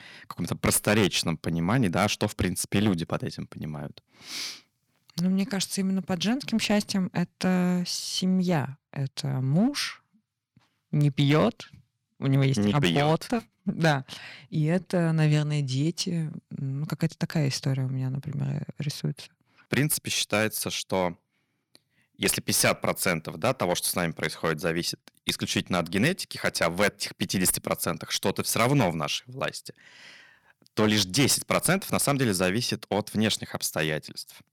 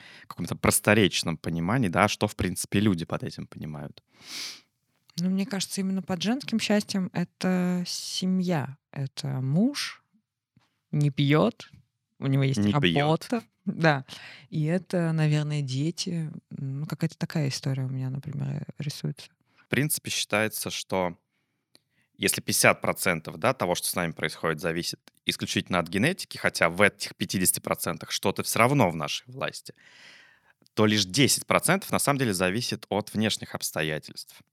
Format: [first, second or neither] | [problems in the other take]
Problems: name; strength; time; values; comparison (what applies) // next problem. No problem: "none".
second | distortion; slight; 4% of the sound clipped